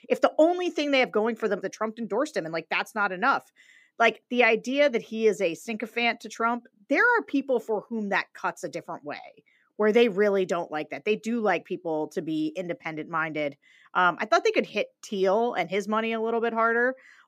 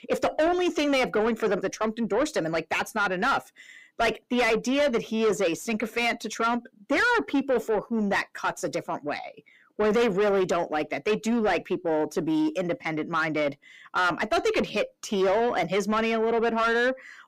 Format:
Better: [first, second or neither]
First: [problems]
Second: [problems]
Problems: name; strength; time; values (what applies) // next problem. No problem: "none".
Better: first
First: none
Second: distortion; heavy; 7 dB below the speech